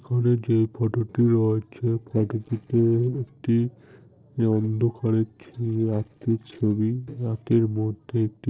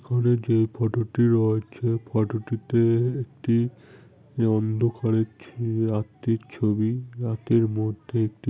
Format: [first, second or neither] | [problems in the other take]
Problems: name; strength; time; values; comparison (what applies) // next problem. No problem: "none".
second | noise reduction (neural separator model SepFormer DNS4)